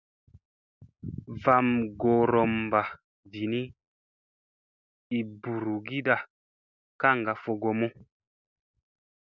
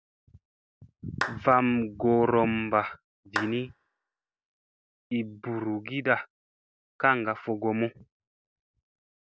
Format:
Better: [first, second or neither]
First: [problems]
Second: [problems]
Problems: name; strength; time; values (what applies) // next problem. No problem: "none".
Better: first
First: none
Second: background sound (Clapping); 9 dB below the speech